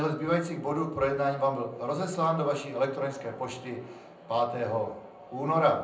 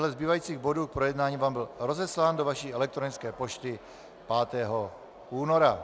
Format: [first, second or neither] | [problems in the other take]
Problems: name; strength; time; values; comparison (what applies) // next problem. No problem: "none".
second | room echo; dies away in 0.6 s